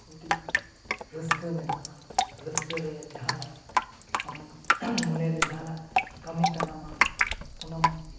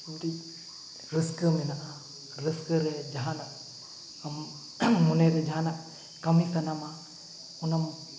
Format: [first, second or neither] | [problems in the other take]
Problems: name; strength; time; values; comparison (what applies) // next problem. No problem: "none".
second | background sound (Drip); 4 dB above the speech // room echo; dies away in 0.8 s